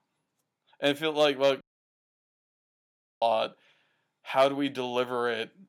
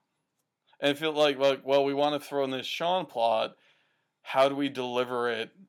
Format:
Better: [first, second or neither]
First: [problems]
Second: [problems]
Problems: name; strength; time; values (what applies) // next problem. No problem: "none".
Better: second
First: audio cutting out; at 1.5 s for 1.5 s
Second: none